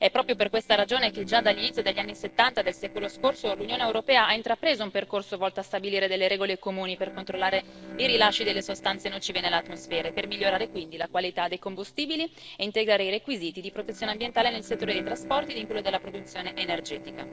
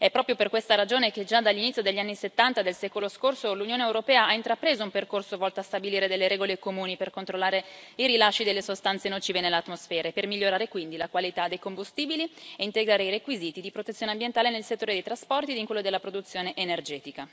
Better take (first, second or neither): second